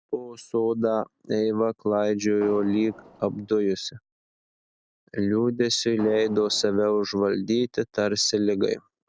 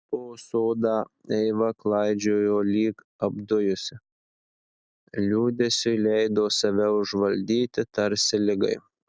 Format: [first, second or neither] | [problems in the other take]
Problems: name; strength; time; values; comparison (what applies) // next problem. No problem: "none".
second | background sound (Fireworks); 18 dB below the speech